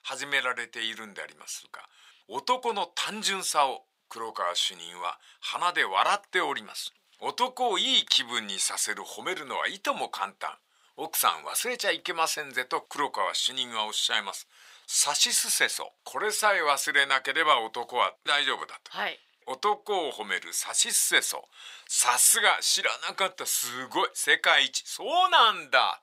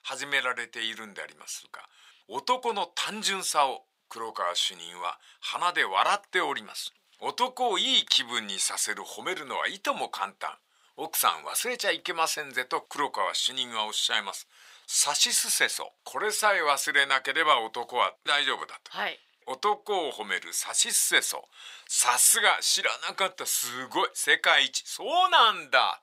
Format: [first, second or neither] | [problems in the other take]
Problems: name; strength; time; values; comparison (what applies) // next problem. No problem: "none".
neither | thin; very; fading below 850 Hz; the same in both